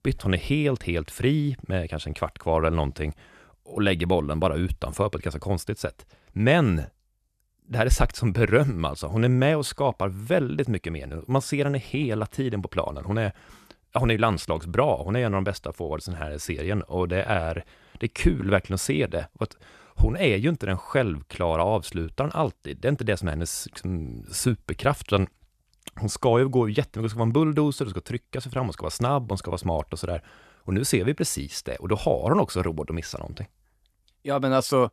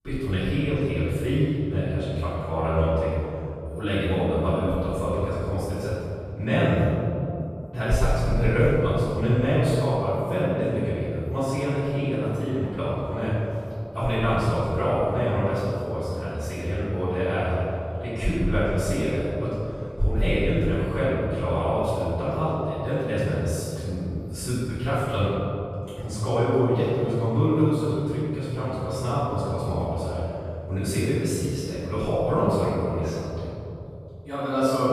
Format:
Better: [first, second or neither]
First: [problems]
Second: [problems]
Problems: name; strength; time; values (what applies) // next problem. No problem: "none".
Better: first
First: none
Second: off-mic speech; far // room echo; strong; dies away in 2.8 s